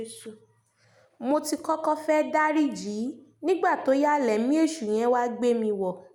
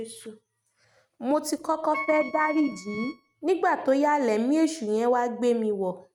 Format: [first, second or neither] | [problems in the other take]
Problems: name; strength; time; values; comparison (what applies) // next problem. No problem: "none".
first | noise reduction (neural mask model RNNoise)